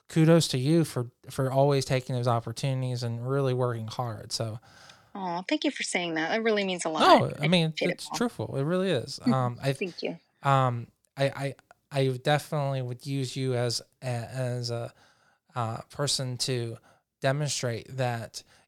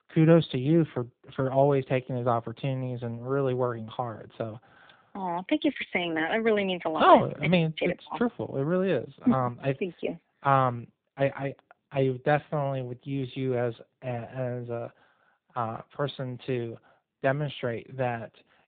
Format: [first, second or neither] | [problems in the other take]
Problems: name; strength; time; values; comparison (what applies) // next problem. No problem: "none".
first | phone-call audio; nothing above 3.5 kHz